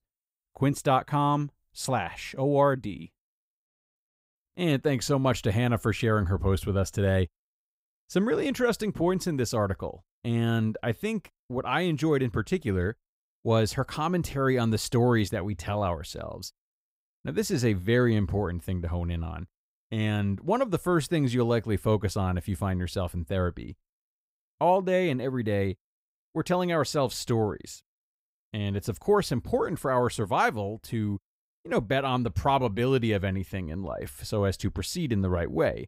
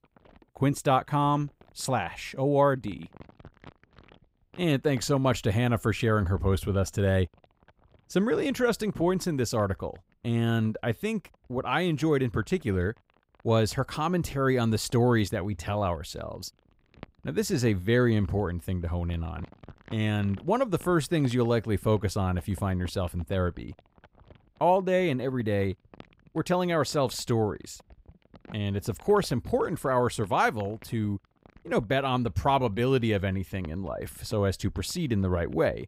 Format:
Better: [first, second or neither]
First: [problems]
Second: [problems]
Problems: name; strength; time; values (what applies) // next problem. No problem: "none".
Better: first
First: none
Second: household noises; faint; throughout; 25 dB below the speech